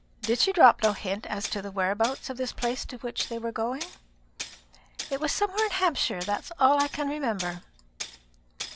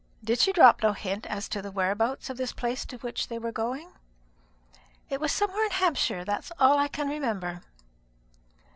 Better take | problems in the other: second | background sound (Tools); 14 dB below the speech

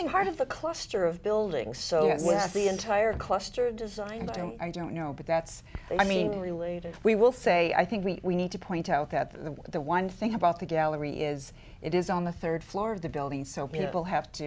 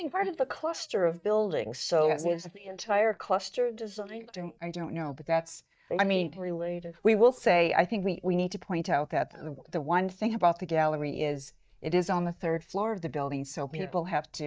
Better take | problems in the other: first | noise reduction (neural mask model DeepFilterNet 3)

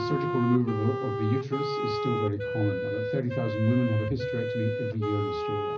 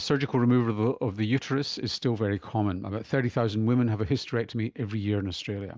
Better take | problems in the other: second | background sound (Wind instrument, woodwind instrument); 3 dB below the speech // room echo; dies away in 0.4 s

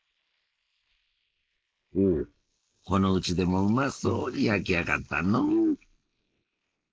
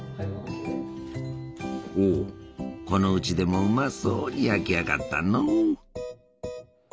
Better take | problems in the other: second | noise reduction (neural mask model Resemble Enhance denoiser)

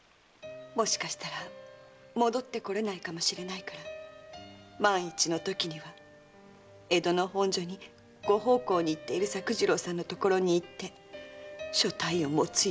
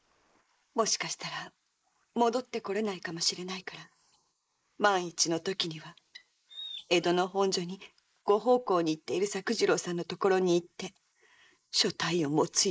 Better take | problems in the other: first | noise reduction (neural mask model Resemble Enhance denoiser)

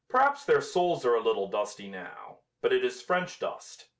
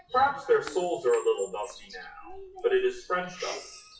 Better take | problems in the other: first | noise reduction (classical method WPE with log-MMSE)

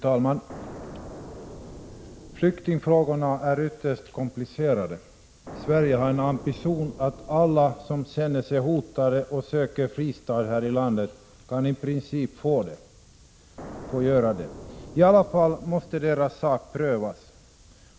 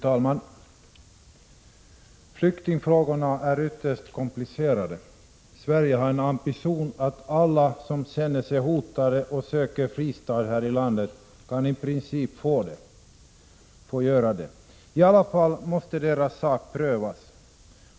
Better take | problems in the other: second | background sound (Explosion); 16 dB below the speech

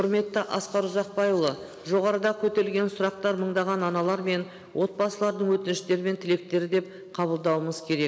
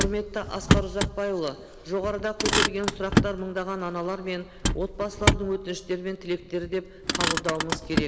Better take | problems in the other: first | background sound (Motor vehicle (road)); 2 dB above the speech

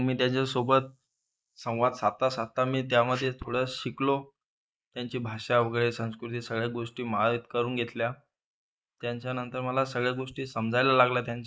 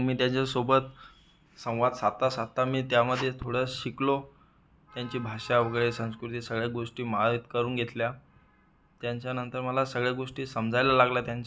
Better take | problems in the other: second | noise reduction (neural mask model Resemble Enhance denoiser)

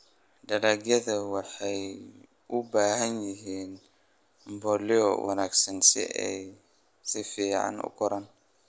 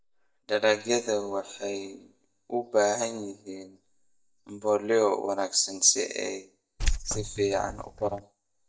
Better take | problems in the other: first | noise reduction (neural mask model DeepFilterNet 3)

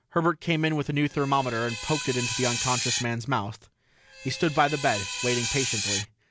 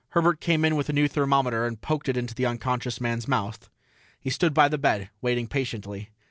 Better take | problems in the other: second | background sound (Screech); 5 dB below the speech

